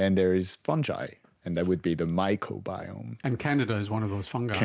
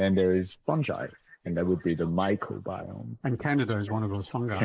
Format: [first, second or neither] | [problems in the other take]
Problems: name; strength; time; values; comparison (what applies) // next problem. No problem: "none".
first | noise reduction (neural mask model Resemble Enhance denoiser)